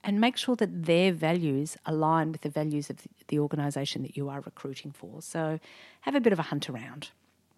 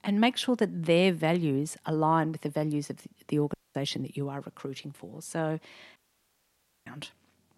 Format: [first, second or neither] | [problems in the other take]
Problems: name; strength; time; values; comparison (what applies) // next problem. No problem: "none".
first | audio cutting out; at 3.5 s and at 6 s for 1 s